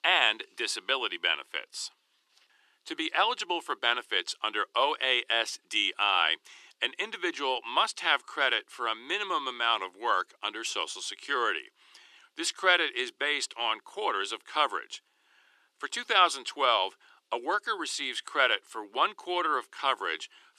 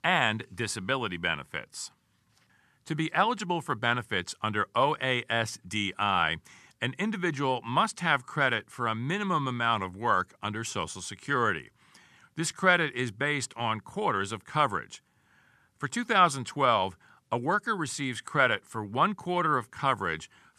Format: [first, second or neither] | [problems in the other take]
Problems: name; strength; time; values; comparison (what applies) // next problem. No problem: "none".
second | thin; very; fading below 350 Hz